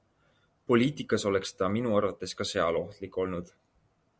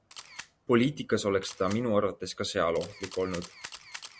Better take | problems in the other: first | background sound (Camera); 18 dB below the speech

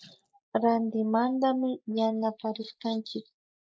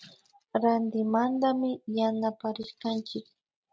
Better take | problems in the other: second | noise reduction (neural mask model Resemble Enhance denoiser)

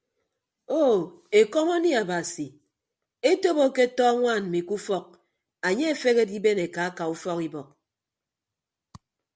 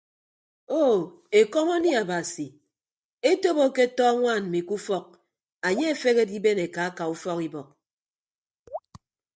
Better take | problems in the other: first | noise reduction (neural mask model DeepFilterNet 3)

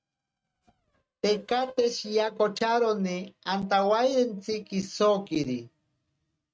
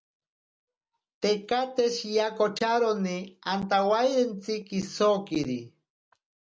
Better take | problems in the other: second | noise reduction (neural mask model RNNoise)

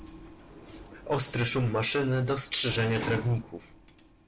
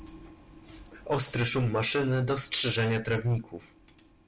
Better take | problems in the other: second | background sound (Sliding door); 14 dB below the speech

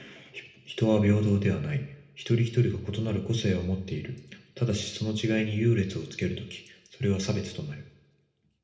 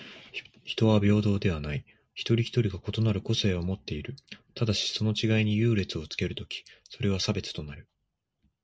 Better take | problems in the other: second | room echo; dies away in 0.8 s

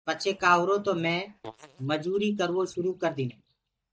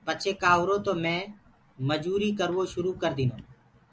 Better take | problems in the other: second | noise reduction (neural mask model DeepFilterNet 3)

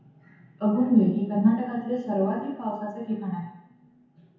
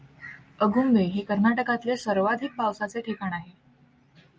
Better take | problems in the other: second | room echo; dies away in 1 s

